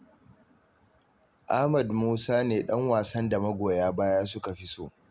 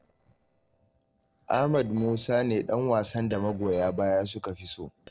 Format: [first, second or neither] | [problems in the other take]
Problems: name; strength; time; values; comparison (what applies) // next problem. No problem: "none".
first | noise reduction (neural separator model SepFormer DNS4)